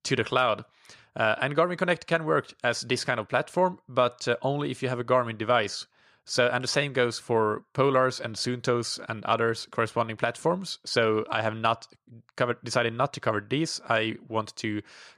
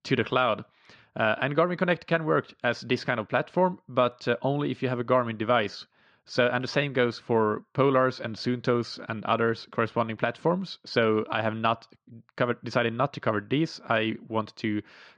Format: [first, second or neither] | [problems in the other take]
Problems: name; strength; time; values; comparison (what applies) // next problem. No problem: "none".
first | muffled; very slightly; fading above 4 kHz